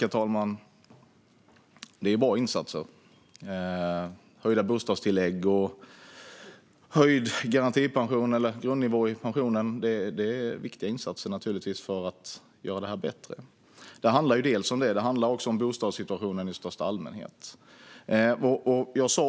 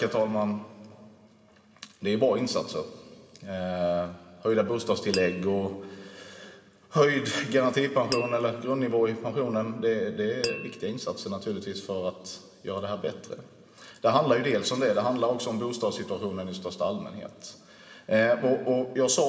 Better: first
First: none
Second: background sound (Glass); 13 dB below the speech // room echo; dies away in 2.6 s

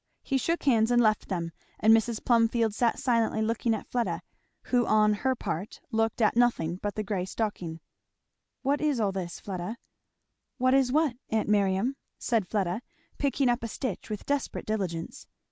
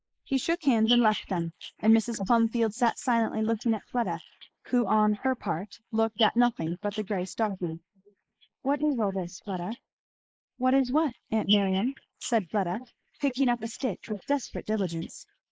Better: first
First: none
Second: noise reduction (neural mask model Resemble Enhance denoiser)

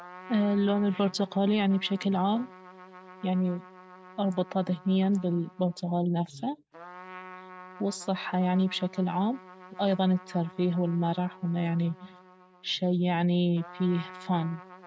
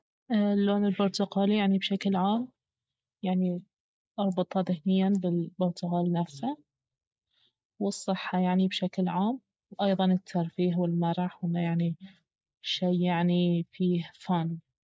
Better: second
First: background sound (Trumpet); 20 dB below the speech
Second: none

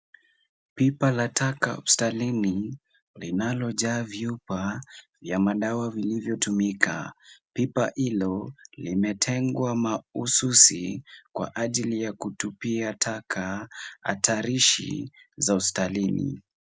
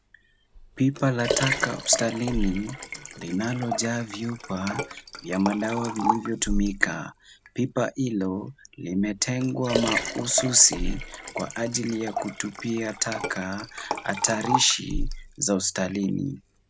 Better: first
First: none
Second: background sound (Liquid); 5 dB below the speech

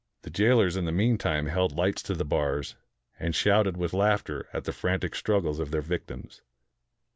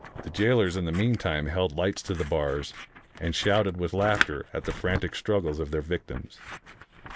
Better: first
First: none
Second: background sound (Scissors); 10 dB below the speech

